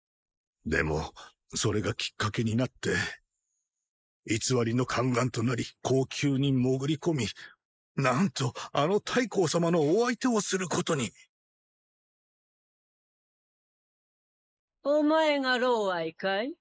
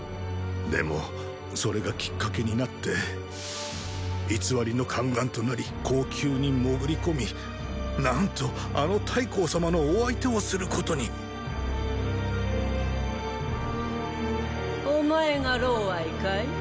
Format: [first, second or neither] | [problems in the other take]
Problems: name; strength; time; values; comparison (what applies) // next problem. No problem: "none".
second | noise reduction (neural mask model Resemble Enhance denoiser)